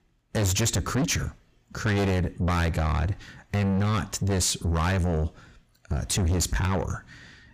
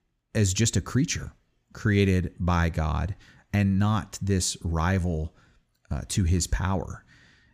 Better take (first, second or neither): second